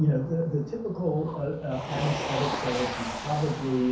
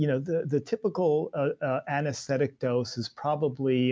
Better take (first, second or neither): second